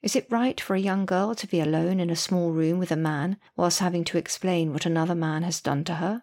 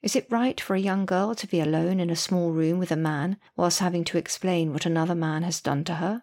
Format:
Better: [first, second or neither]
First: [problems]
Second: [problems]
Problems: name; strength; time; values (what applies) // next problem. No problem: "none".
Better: neither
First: none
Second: none